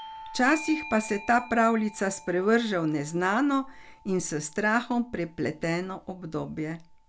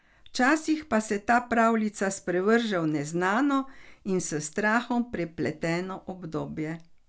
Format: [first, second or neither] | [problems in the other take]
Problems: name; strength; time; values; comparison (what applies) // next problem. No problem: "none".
second | background sound (Bell / Doorbell); 18 dB below the speech